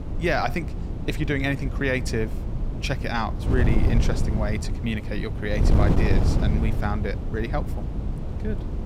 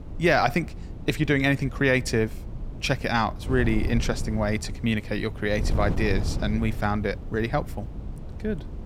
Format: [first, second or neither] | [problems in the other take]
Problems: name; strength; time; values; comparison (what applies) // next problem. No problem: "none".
second | wind noise on the microphone; heavy; 7 dB below the speech; occasional gusts in the second